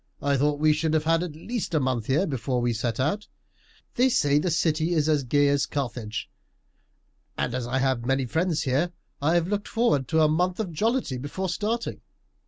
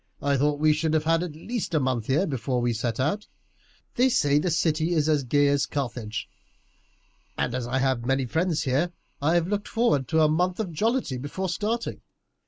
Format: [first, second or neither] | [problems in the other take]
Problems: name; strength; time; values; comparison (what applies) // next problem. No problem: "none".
first | noise reduction (neural mask model Resemble Enhance denoiser)